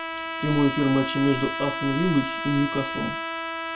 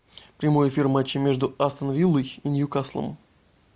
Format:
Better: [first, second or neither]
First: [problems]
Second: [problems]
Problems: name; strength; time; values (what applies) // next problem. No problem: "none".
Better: second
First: background sound (Trumpet); 5 dB below the speech // room echo; dies away in 0.2 s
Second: none